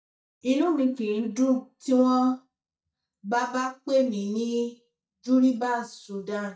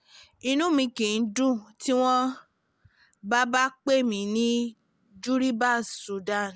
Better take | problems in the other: second | noise reduction (neural mask model DeepFilterNet 3)

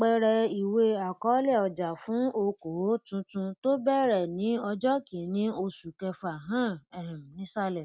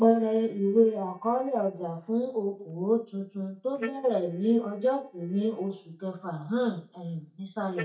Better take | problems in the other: first | noise reduction (neural mask model DeepFilterNet 3)

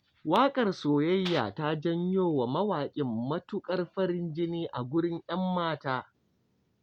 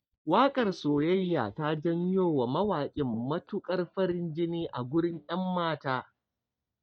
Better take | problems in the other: first | noise reduction (neural mask model DeepFilterNet 3)

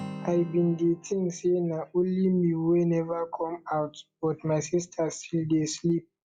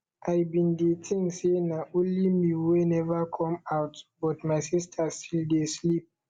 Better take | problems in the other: second | noise reduction (classical method log-MMSE)

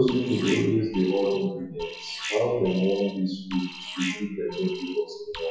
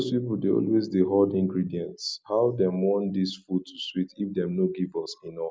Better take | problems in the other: second | noise reduction (classical method WPE with log-MMSE)

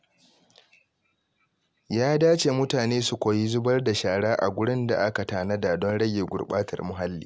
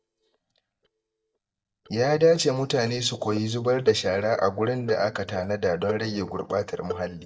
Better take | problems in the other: first | noise reduction (neural mask model DeepFilterNet 3)

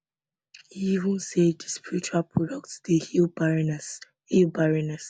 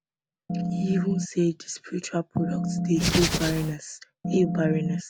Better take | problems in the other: first | background sound (Organ + Hands); 1 dB above the speech

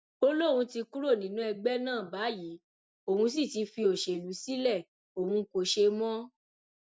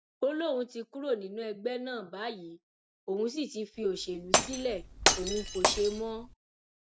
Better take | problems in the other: first | background sound (Glass); 4 dB above the speech

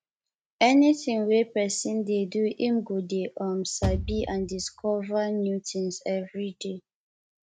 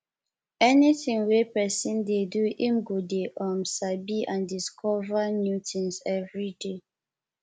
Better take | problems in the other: second | noise reduction (neural mask model RNNoise)

